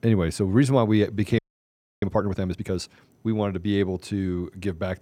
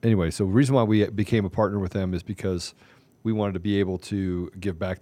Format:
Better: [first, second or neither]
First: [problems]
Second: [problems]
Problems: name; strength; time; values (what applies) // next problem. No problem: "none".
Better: second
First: audio freezing; at 1.5 s for 0.5 s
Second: none